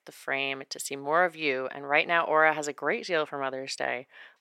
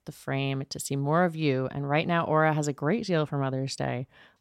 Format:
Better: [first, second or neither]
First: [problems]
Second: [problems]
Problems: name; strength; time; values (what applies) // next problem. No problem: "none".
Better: second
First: thin; very; fading below 500 Hz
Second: none